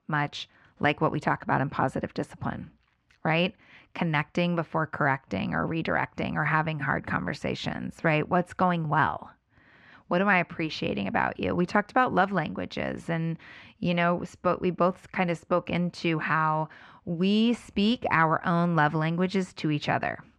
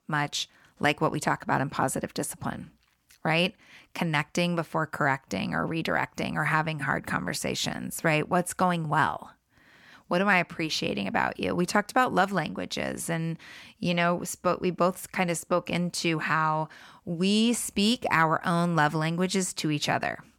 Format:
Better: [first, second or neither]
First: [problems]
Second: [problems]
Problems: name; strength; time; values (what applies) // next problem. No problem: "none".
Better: second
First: muffled; slightly; fading above 3 kHz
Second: none